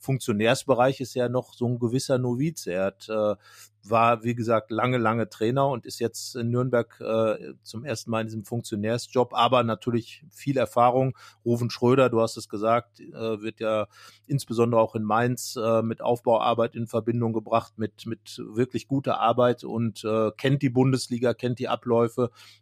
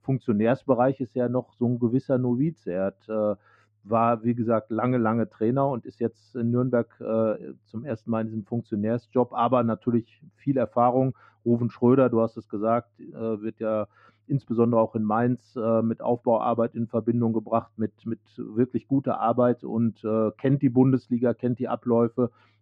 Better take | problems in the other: first | muffled; very; fading above 1.5 kHz

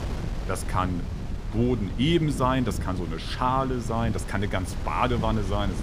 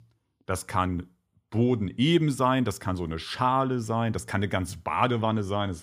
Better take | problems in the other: second | wind noise on the microphone; occasional gusts; 15 dB below the speech

